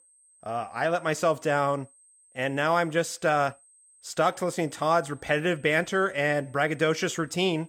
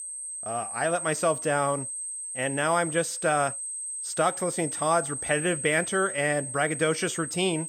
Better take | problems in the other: first | high-pitched whine; loud; throughout; 8.5 kHz, 5 dB below the speech; faint in the first

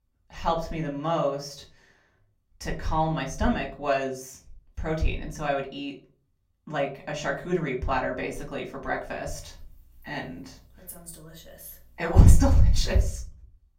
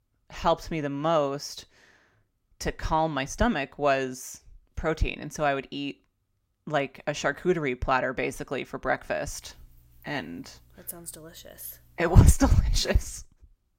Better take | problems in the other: second | off-mic speech; far // room echo; very slight; dies away in 0.3 s

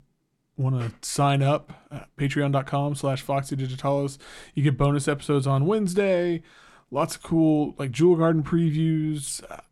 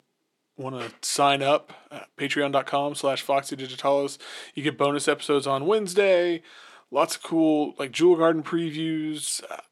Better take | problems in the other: first | thin; somewhat; fading below 400 Hz

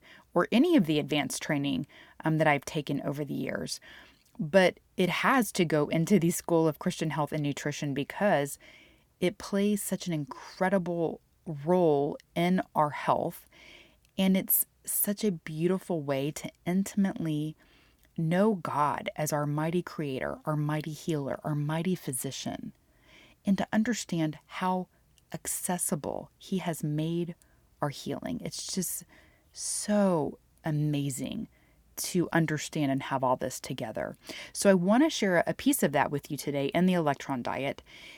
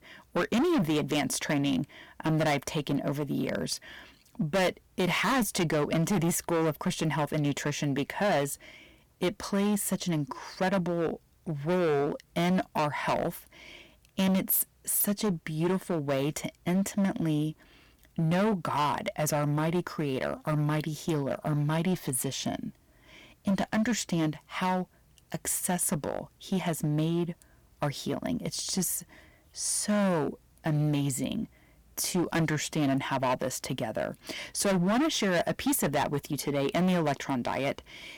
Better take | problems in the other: first | distortion; heavy; 12% of the sound clipped

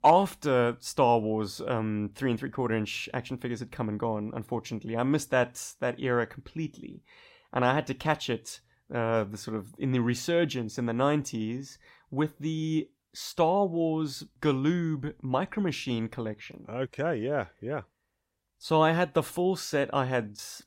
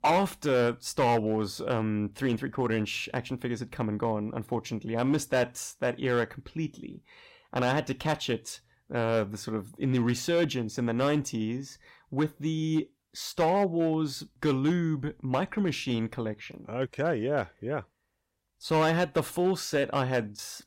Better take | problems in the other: first | distortion; slight; 4% of the sound clipped

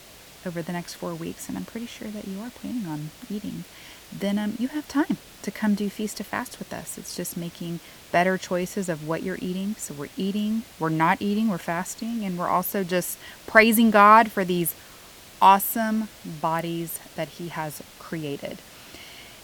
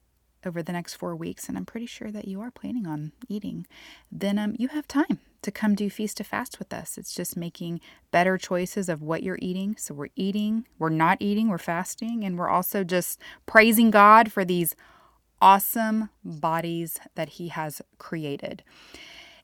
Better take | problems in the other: second | hiss; faint; throughout; 20 dB below the speech

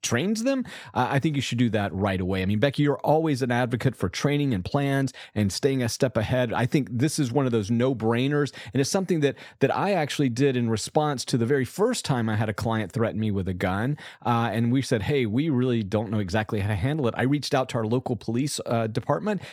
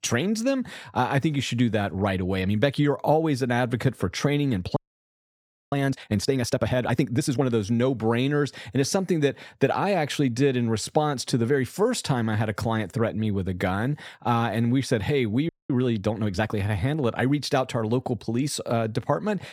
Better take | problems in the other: first | audio freezing; at 5 s for 1 s and at 15 s

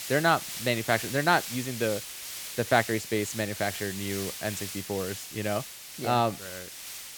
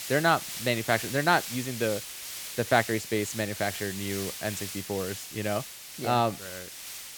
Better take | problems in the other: neither | hiss; loud; throughout; 8 dB below the speech; the same in both

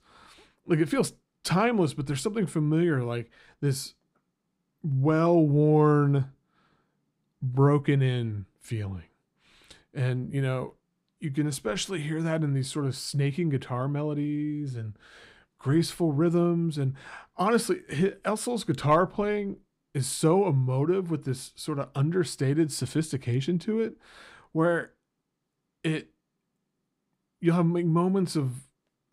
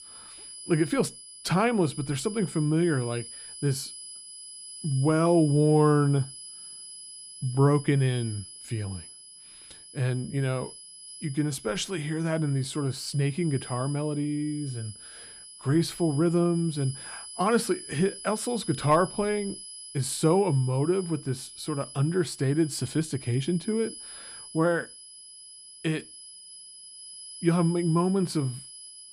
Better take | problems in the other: first | high-pitched whine; noticeable; throughout; 10 kHz, 15 dB below the speech

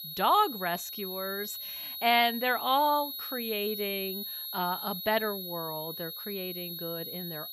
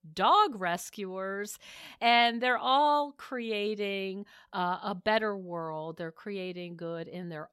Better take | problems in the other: second | high-pitched whine; loud; throughout; 11.5 kHz, 6 dB below the speech

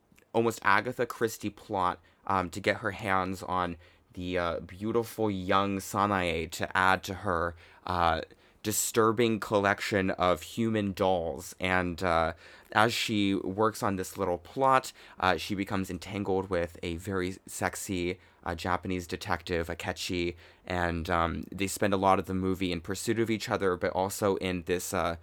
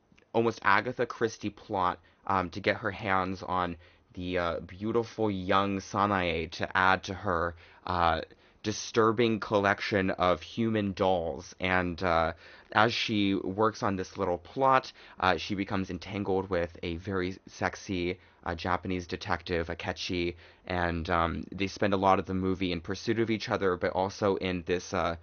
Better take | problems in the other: first | garbled, watery; slightly; nothing above 6.5 kHz

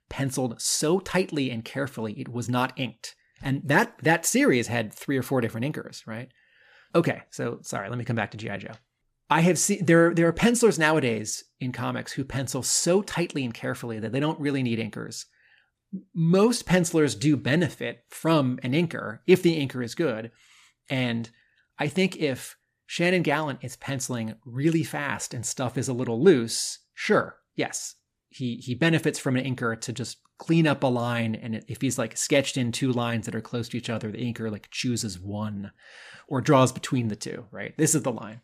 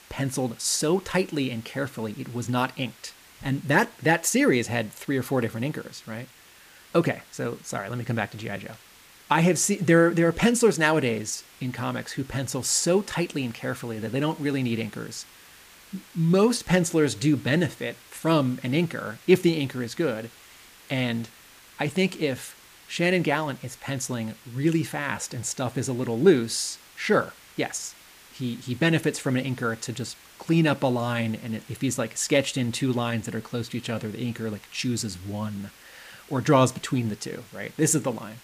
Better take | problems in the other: first | hiss; faint; throughout; 25 dB below the speech

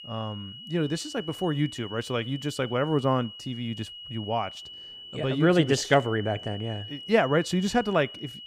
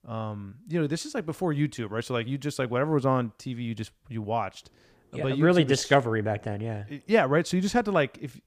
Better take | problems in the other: second | high-pitched whine; noticeable; throughout; 3 kHz, 15 dB below the speech

